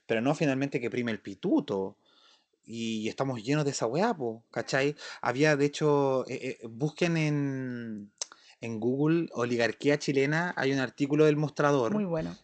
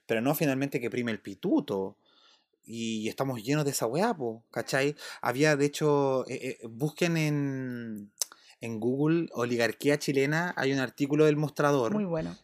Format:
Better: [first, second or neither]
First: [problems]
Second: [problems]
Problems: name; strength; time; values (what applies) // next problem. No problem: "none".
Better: second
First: garbled, watery; slightly; nothing above 8 kHz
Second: none